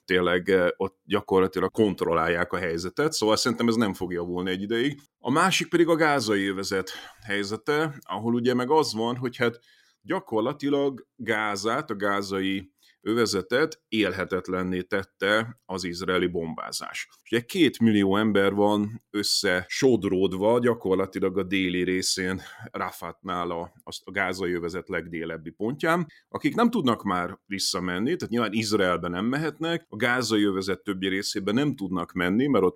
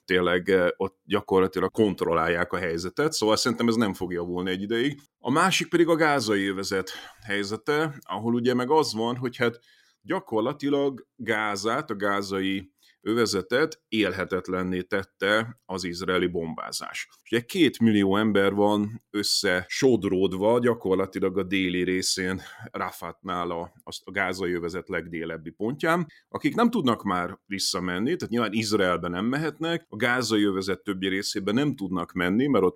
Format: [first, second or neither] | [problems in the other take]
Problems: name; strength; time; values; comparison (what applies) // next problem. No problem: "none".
neither | none